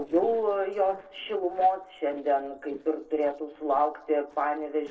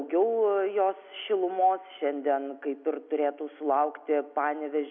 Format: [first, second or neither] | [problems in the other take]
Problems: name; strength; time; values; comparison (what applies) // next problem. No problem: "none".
second | noise reduction (neural separator model SepFormer DNS4)